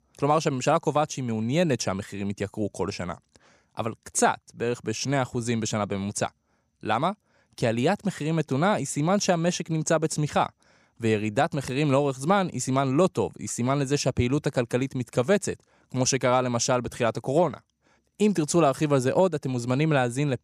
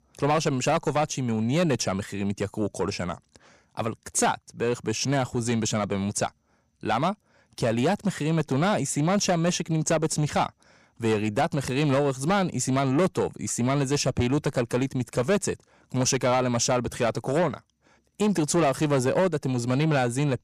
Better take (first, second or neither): first